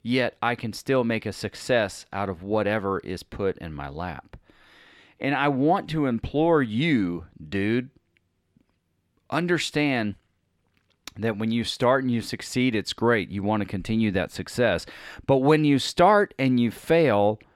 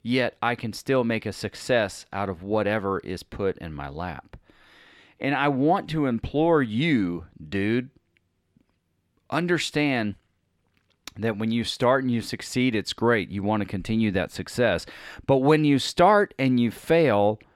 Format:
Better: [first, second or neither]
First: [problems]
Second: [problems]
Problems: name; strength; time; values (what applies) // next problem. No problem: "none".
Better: neither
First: none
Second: none